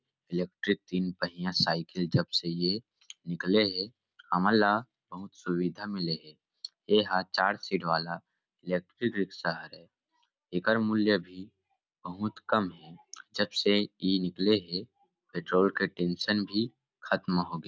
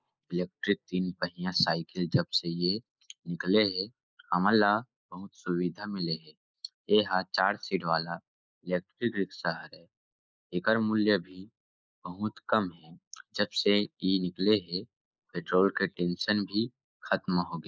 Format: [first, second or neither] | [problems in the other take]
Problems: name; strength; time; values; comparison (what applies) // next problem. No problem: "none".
first | noise reduction (neural mask model Resemble Enhance denoiser)